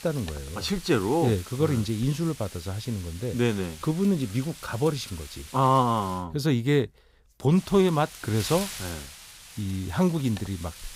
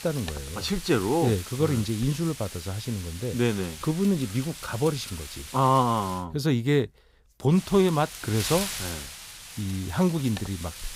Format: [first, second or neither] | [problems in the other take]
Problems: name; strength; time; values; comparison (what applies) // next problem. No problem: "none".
first | wind noise on the microphone; heavy; until 6 s and from 7.5 s on; 10 dB below the speech; occasional gusts in the first